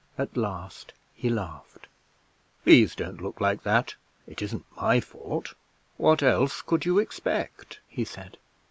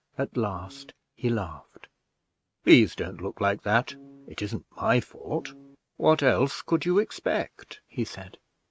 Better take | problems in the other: first | noise reduction (neural mask model RNNoise)

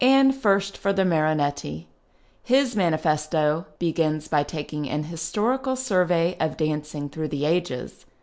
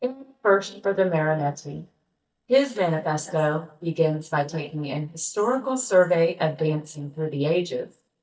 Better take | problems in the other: first | noise reduction (neural mask model DeepFilterNet 3)

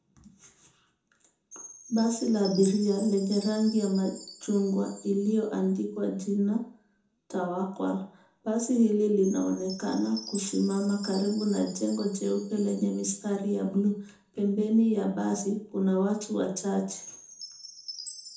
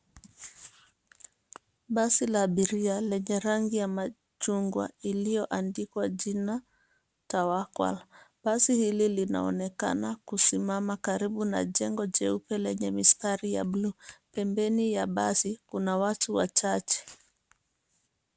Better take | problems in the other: second | background sound (Chime); 19 dB below the speech // room echo; dies away in 0.5 s

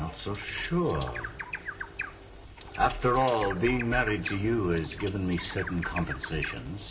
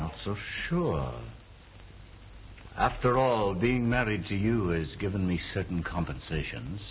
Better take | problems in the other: second | background sound (Bird); 11 dB below the speech // room echo; dies away in 1.9 s

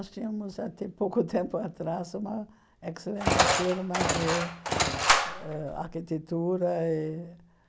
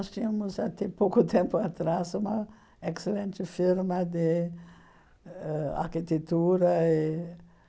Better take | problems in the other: second | background sound (Engine); 5 dB above the speech

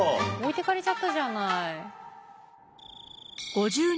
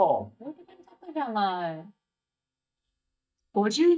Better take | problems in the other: first | noise reduction (neural mask model DeepFilterNet 3)

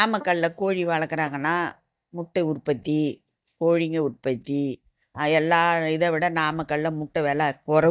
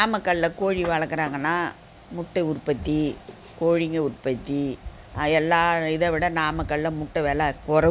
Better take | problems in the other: second | noise reduction (neural mask model DeepFilterNet 3)

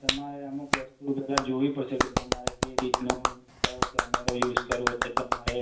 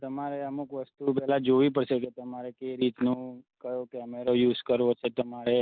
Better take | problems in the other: second | background sound (Clapping); 3 dB above the speech // room echo; dies away in 0.9 s

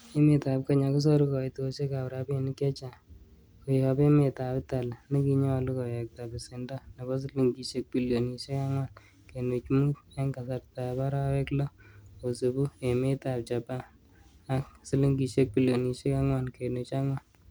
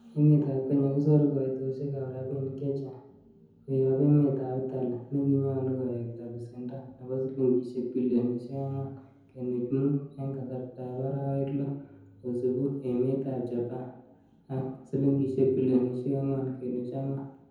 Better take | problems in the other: first | room echo; dies away in 0.9 s

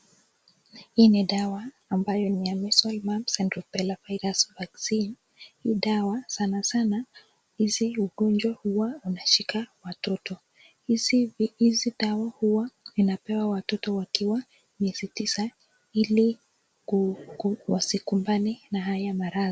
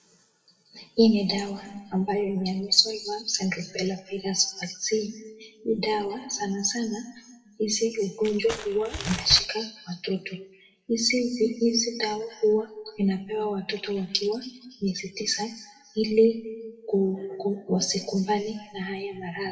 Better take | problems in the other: first | noise reduction (classical method WPE with log-MMSE)

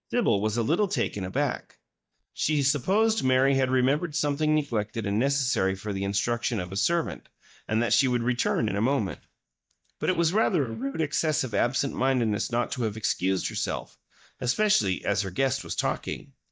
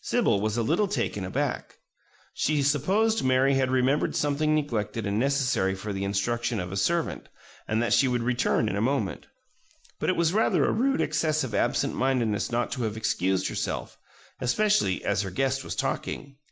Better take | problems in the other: second | noise reduction (neural mask model DeepFilterNet 3)

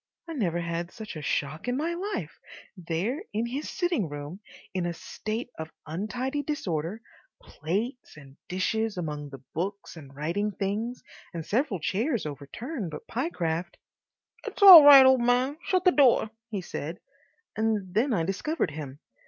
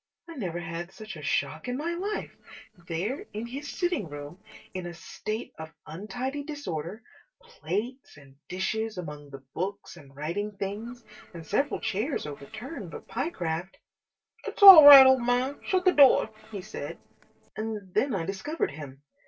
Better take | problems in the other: first | noise reduction (neural separator model SepFormer DNS4)

